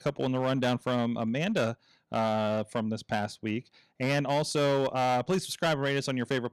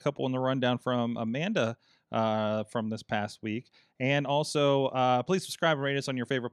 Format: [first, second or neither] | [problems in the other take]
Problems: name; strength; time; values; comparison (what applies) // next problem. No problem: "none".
second | distortion; slight; 10% of the sound clipped